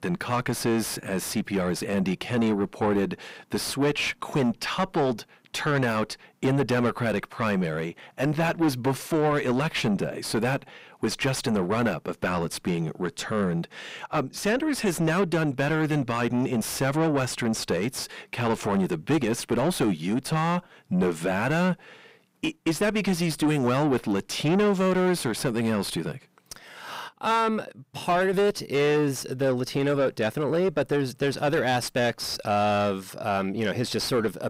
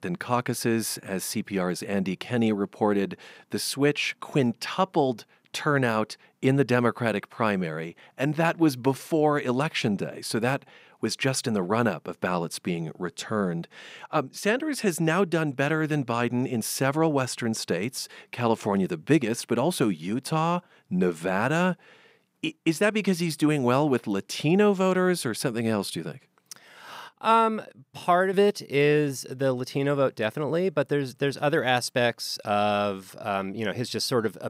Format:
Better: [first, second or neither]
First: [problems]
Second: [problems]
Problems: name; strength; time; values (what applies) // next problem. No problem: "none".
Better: second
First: distortion; heavy; 7 dB below the speech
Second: none